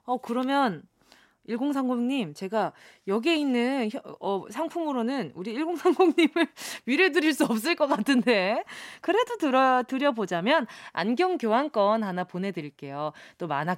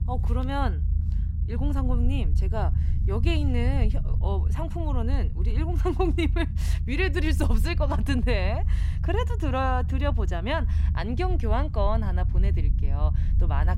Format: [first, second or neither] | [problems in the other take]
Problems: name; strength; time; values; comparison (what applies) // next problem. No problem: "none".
first | low rumble; noticeable; throughout; 10 dB below the speech